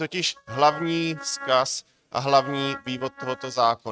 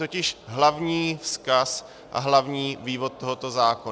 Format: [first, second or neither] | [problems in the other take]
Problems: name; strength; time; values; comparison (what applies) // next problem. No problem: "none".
second | noise reduction (neural mask model RNNoise)